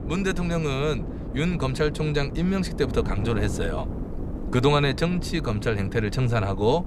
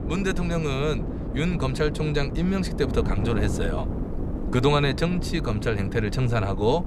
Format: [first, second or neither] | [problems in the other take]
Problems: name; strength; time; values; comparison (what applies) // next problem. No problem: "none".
first | wind noise on the microphone; heavy; 9 dB below the speech; occasional gusts in the first